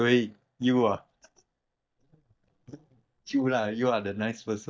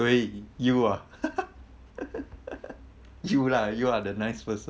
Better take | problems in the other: second | noise reduction (neural mask model DeepFilterNet 3)

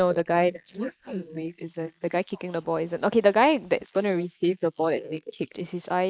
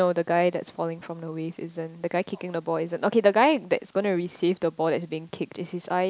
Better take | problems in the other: second | noise reduction (neural mask model Resemble Enhance denoiser)

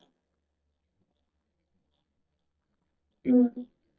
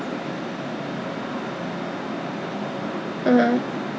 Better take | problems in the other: second | noise reduction (neural mask model DeepFilterNet 3)

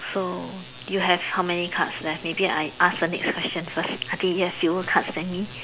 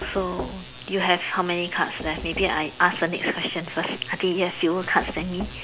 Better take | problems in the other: first | background sound (Knock); 15 dB below the speech

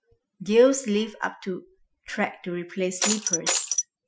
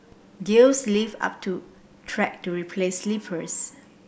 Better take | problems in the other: second | noise reduction (classical method Wiener filter)

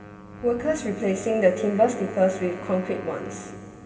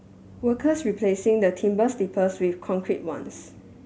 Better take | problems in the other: second | background sound (Wind instrument, woodwind instrument); 16 dB below the speech // room echo; dies away in 2.3 s

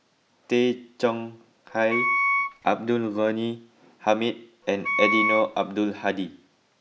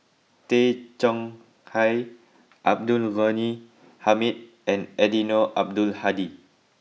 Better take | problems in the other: second | background sound (Wind instrument, woodwind instrument); 1 dB above the speech

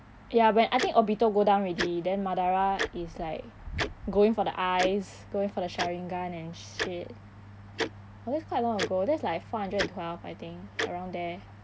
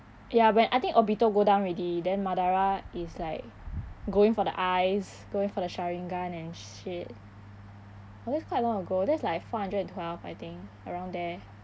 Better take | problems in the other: second | background sound (Tick-tock); 10 dB below the speech

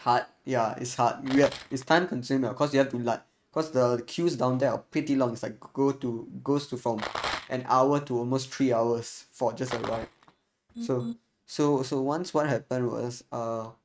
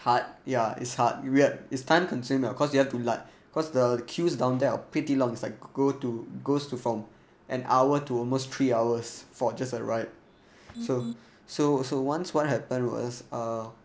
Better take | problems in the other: second | noise reduction (neural mask model RNNoise)

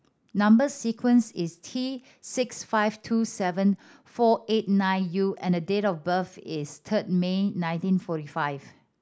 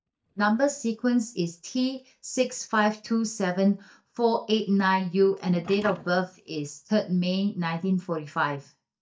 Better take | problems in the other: first | noise reduction (neural mask model DeepFilterNet 3)

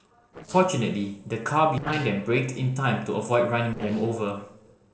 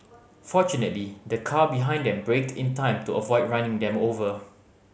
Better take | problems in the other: second | noise reduction (neural separator model SepFormer DNS4)

